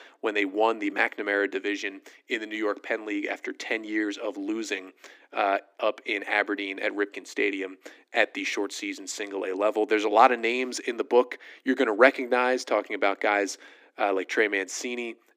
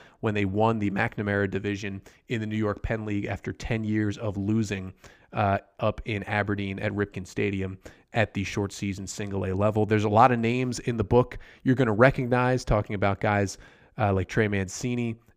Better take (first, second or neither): second